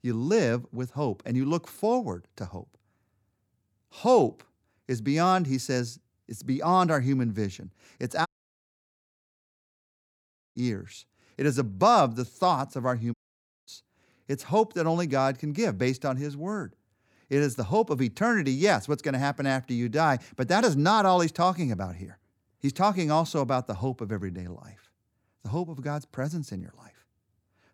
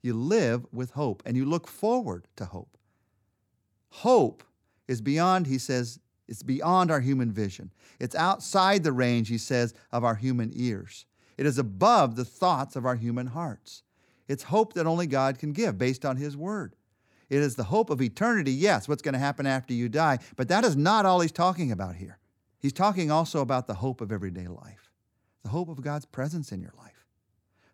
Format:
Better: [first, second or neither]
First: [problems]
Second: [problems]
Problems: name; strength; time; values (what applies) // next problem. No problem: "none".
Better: second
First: audio cutting out; at 8.5 s for 2.5 s and at 13 s for 0.5 s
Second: none